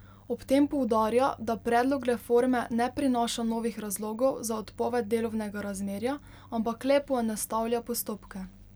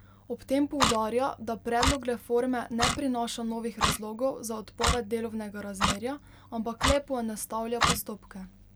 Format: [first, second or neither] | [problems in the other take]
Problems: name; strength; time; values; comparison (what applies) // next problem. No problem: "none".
first | background sound (Clock); 2 dB below the speech